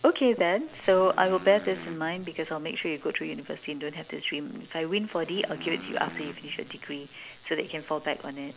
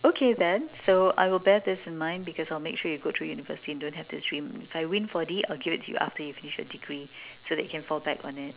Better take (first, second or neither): second